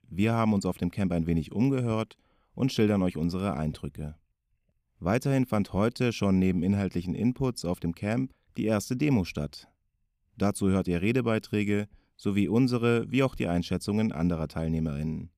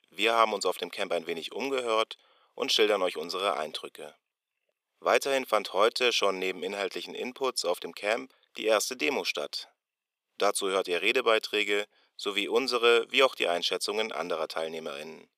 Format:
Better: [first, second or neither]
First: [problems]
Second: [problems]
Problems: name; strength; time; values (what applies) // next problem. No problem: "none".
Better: first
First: none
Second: thin; very; fading below 450 Hz